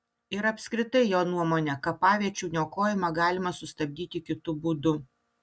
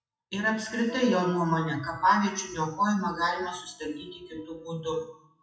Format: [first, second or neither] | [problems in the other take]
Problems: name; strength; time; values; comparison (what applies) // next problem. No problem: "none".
first | noise reduction (classical method WPE with log-MMSE)